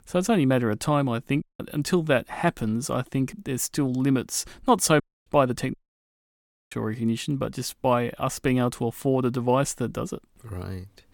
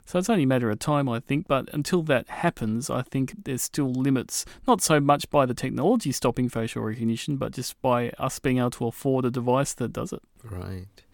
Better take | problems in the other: second | audio cutting out; at 1.5 s, at 5 s and at 5.5 s for 1 s

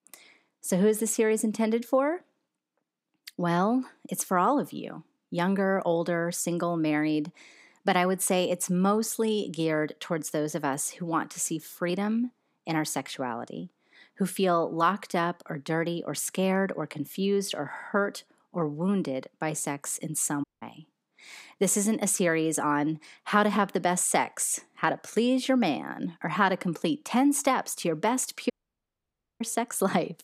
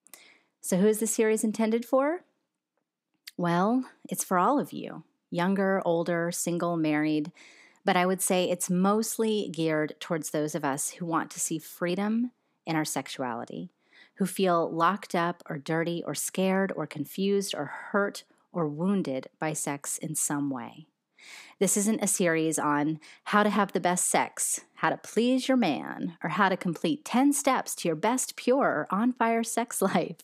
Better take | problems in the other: second | audio cutting out; at 20 s and at 29 s for 1 s

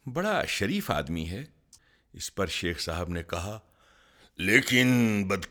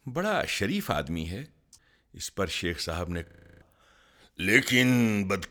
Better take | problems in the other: first | audio freezing; at 3.5 s

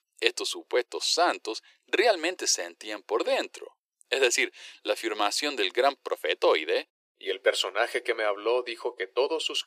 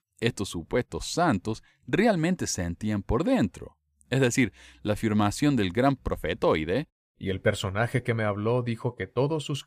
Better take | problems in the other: second | thin; very; fading below 350 Hz

